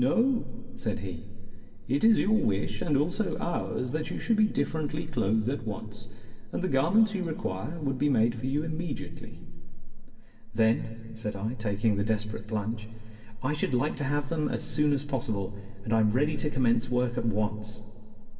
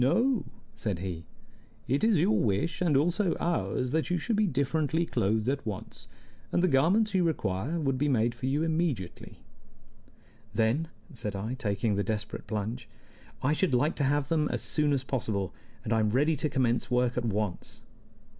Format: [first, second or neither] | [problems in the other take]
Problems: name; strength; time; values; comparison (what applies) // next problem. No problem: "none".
second | room echo; dies away in 1.8 s